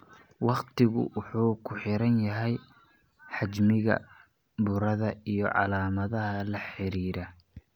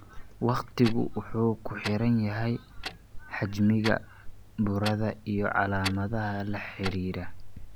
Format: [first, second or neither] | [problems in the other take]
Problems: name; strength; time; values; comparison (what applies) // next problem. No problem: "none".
first | background sound (Clock); 9 dB below the speech